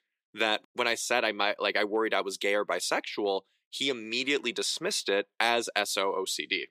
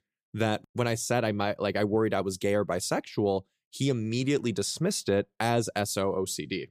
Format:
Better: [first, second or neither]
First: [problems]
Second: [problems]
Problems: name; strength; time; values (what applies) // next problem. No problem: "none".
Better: second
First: thin; somewhat; fading below 300 Hz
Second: none